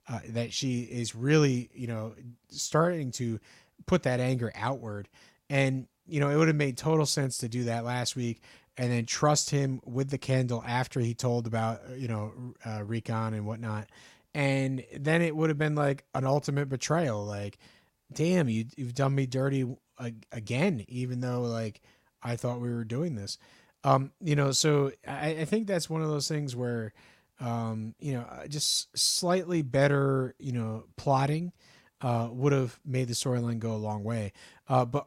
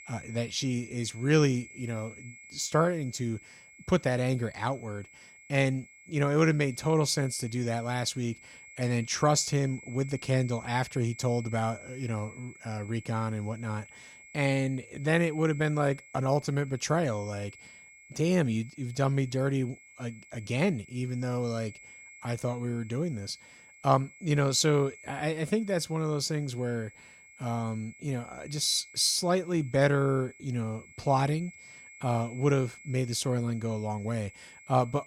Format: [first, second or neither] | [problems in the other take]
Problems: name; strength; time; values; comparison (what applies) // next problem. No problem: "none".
first | high-pitched whine; noticeable; throughout; 2 kHz, 20 dB below the speech